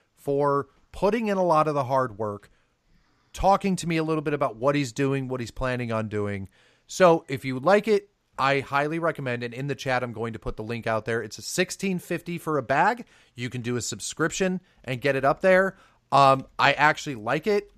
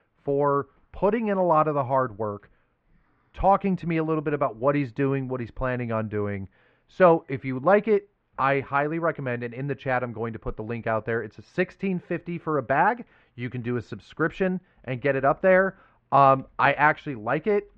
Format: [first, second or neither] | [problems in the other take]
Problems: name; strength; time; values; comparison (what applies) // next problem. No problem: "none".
first | muffled; very; fading above 2 kHz